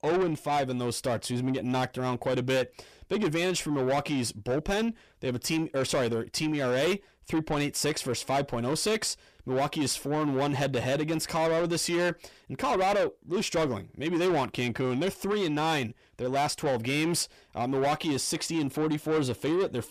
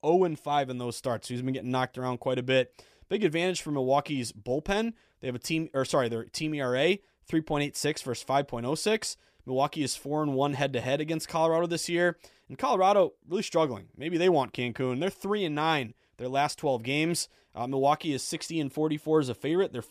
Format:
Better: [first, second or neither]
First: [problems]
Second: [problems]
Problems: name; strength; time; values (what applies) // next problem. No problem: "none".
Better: second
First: distortion; heavy; 8 dB below the speech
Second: none